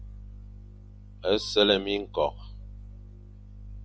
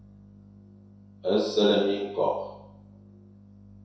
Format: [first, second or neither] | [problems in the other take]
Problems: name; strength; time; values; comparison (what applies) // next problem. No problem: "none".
first | room echo; dies away in 0.7 s